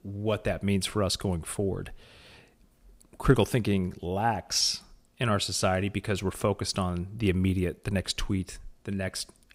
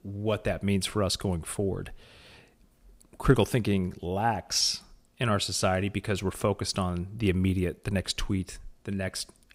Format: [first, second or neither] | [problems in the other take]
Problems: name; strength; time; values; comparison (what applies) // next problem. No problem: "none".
neither | none